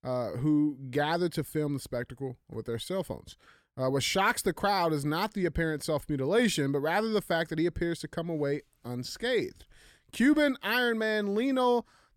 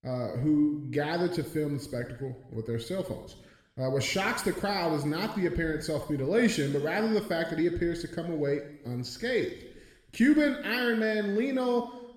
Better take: first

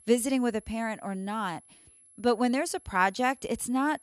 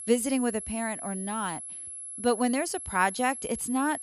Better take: first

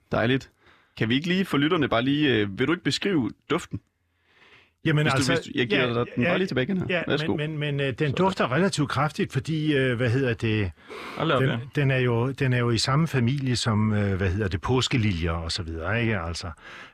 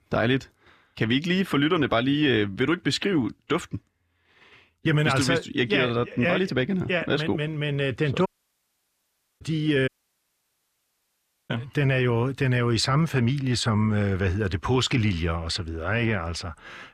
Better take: first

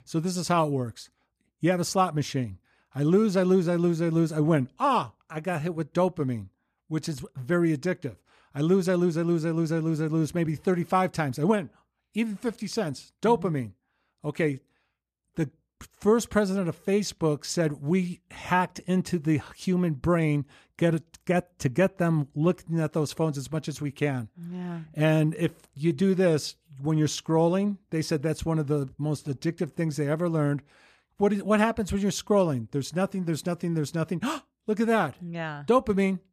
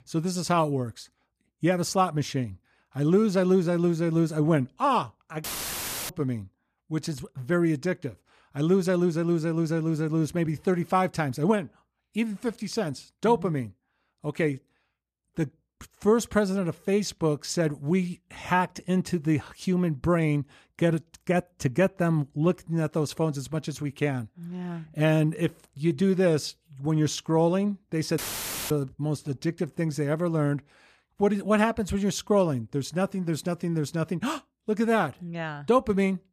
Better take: first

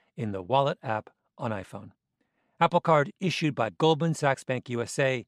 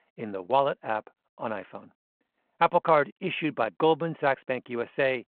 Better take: first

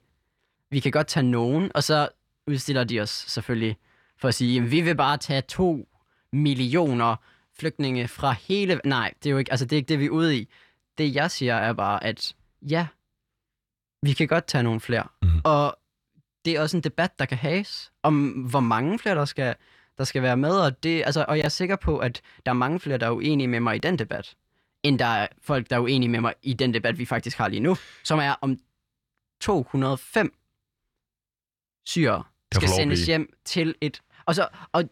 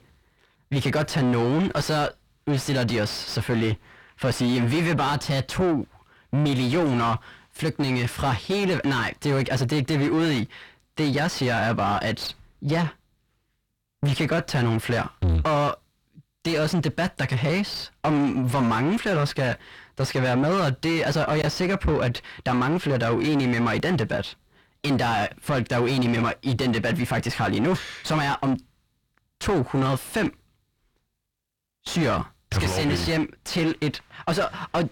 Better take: first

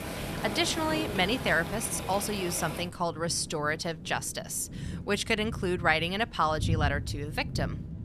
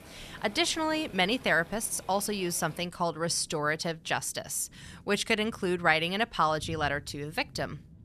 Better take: second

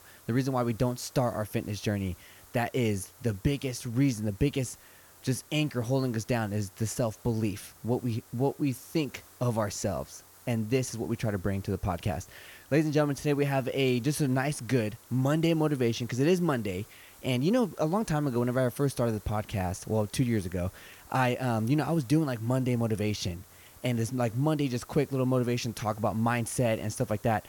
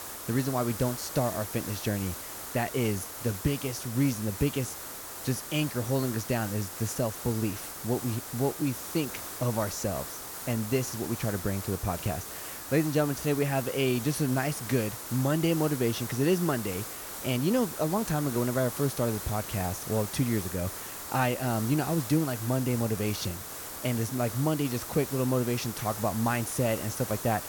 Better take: first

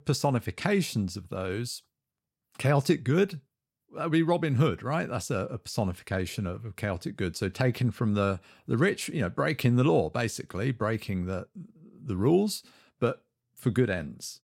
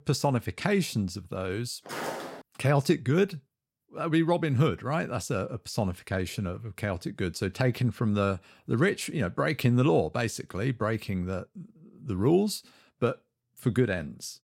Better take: first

